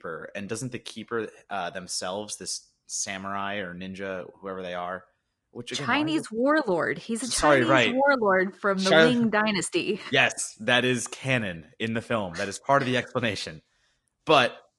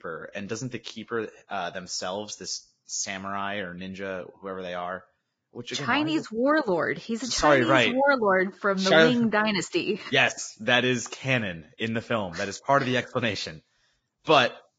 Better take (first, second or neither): first